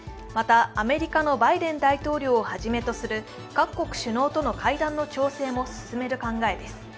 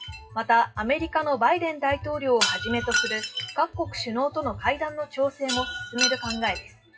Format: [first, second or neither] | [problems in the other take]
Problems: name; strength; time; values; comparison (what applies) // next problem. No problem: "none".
first | noise reduction (classical method WPE with log-MMSE)